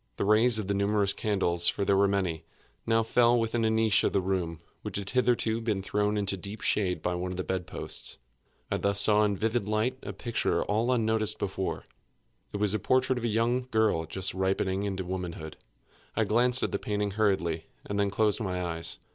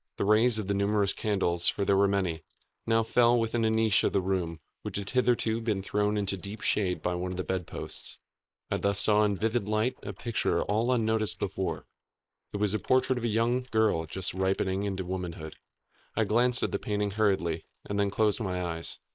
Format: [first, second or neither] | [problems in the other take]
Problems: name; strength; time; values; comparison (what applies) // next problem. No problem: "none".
first | noise reduction (neural mask model Resemble Enhance denoiser)